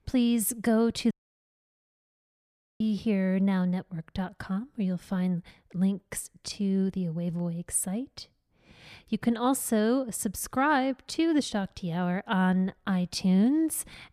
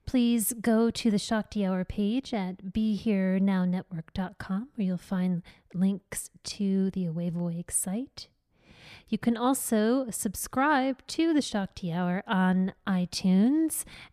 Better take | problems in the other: second | audio cutting out; at 1 s for 1.5 s

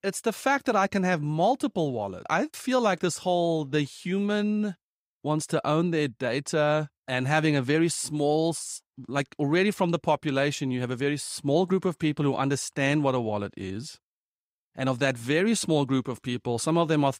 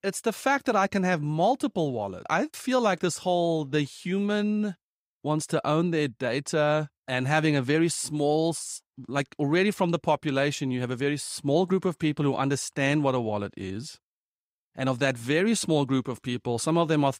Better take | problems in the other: neither | none

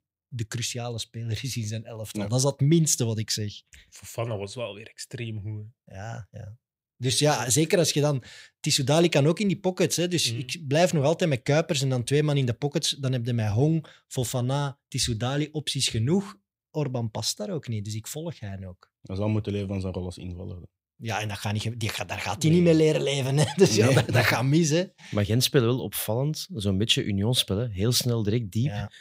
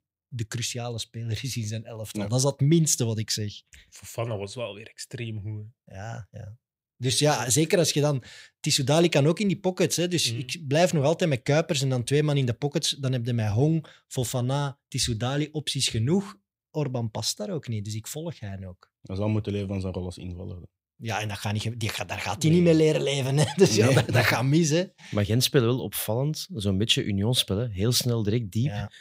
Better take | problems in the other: neither | none

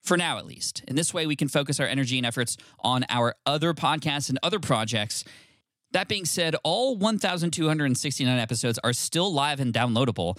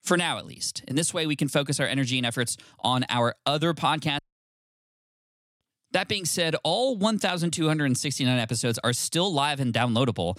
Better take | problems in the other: first | audio cutting out; at 4 s for 1.5 s

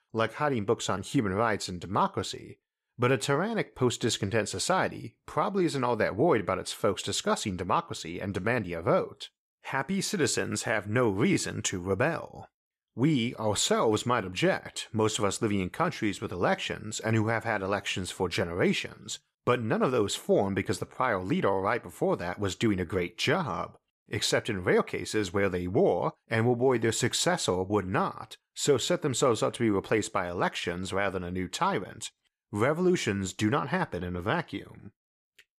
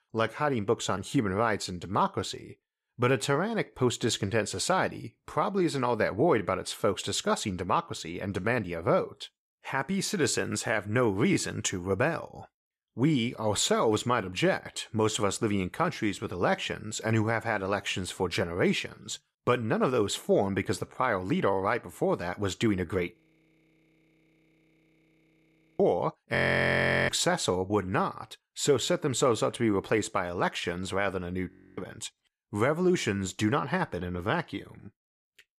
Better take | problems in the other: first | audio freezing; at 23 s for 2.5 s, at 26 s for 0.5 s and at 32 s

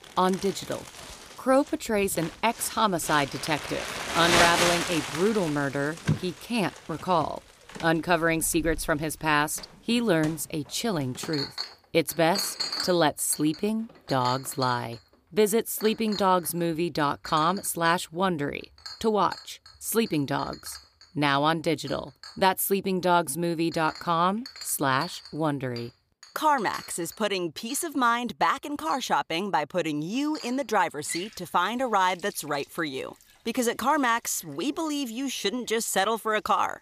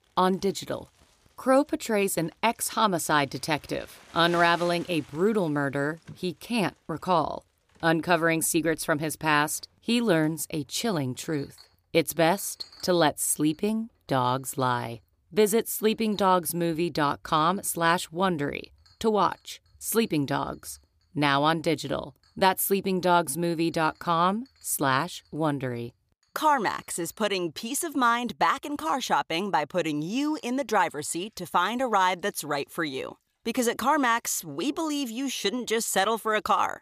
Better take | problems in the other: second | household noises; loud; throughout; 7 dB below the speech; faint in the second

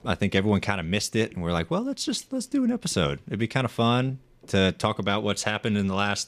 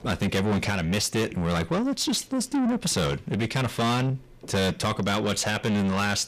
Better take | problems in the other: first | distortion; heavy; 6 dB below the speech

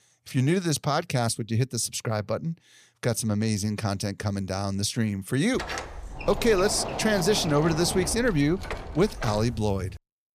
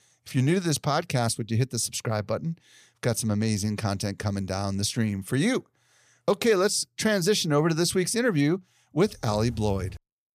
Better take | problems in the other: second | door banging; noticeable; from 5.5 to 9.5 s; peak 6 dB below the speech

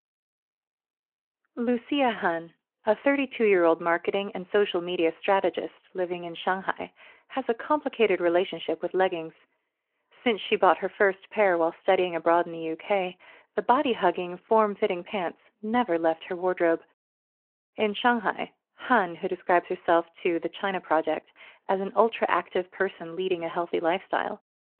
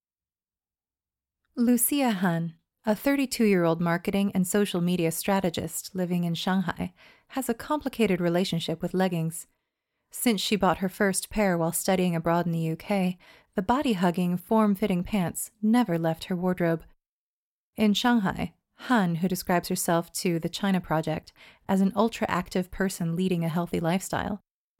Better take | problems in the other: second | phone-call audio

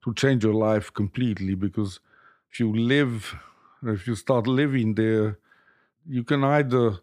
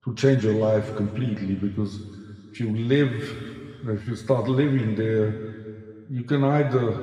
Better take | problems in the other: first | room echo; noticeable; dies away in 2.2 s // off-mic speech; far

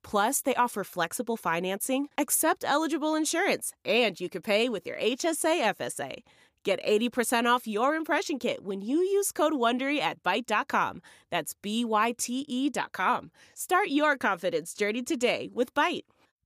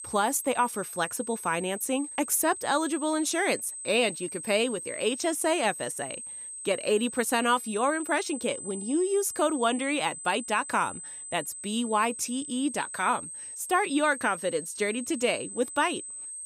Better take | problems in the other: first | high-pitched whine; loud; throughout; 8 kHz, 9 dB below the speech

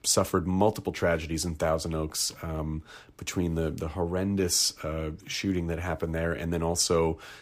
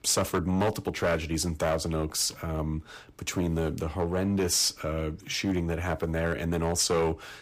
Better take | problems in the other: first | distortion; slight; 6% of the sound clipped

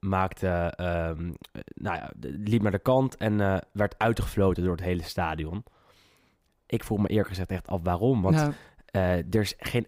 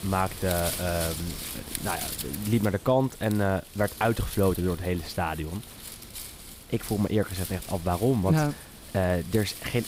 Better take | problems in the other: first | wind noise on the microphone; occasional gusts; 10 dB below the speech

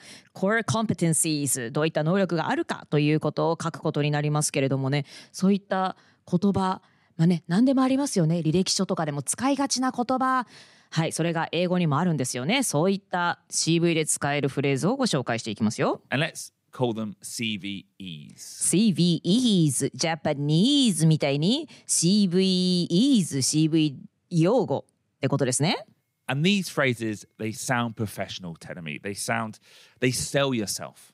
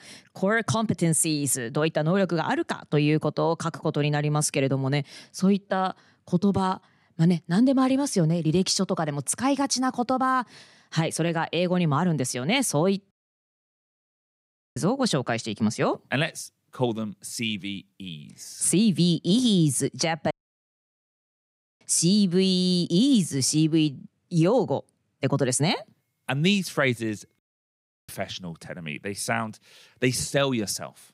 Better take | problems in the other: first | audio cutting out; at 13 s for 1.5 s, at 20 s for 1.5 s and at 27 s for 0.5 s

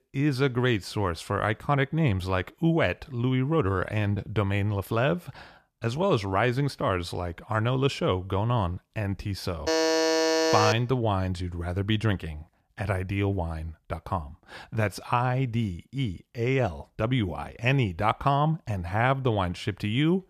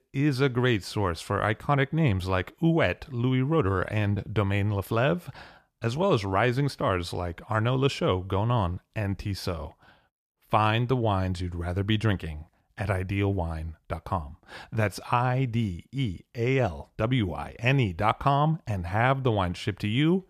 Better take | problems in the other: second | alarm; loud; from 9.5 to 11 s; peak 4 dB above the speech

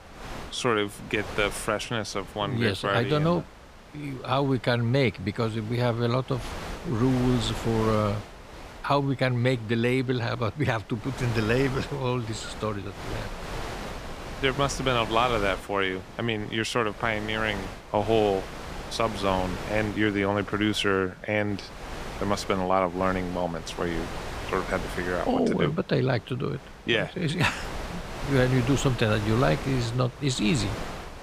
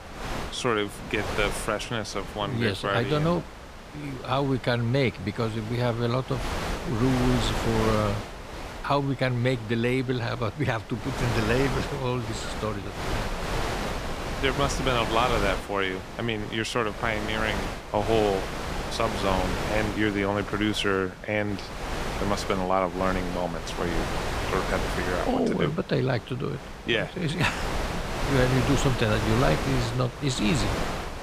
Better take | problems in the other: first | wind noise on the microphone; heavy; 5 dB below the speech; occasional gusts in the first

